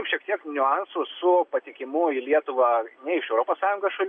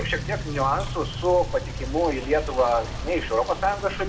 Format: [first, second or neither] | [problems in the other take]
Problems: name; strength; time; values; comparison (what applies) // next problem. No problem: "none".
first | background sound (Motor vehicle (road) / Rain); 7 dB below the speech // room echo; dies away in 1.2 s